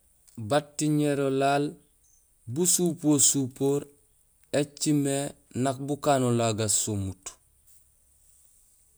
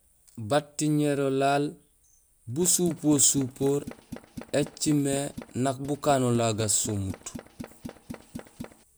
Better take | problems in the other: first | background sound (Tools); 15 dB below the speech

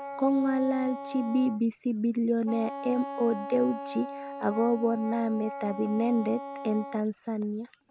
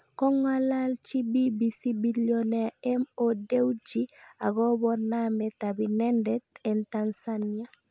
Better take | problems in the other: second | background sound (Wind instrument, woodwind instrument); 11 dB below the speech

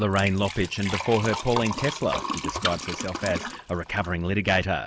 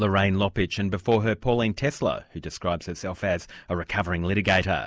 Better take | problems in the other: second | background sound (Liquid); 7 dB below the speech

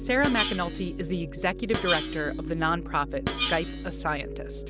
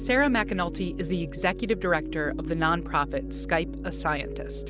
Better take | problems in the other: second | background sound (Screech); 7 dB below the speech

